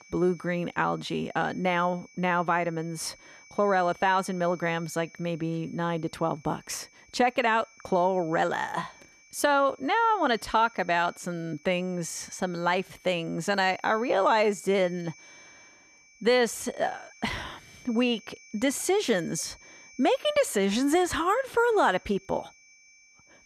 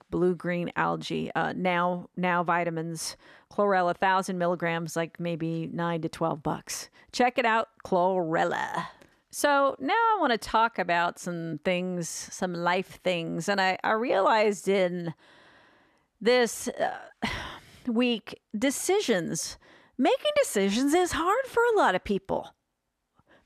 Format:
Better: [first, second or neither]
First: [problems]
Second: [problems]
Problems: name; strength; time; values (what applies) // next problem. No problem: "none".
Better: second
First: high-pitched whine; faint; throughout; 2.5 kHz, 25 dB below the speech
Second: none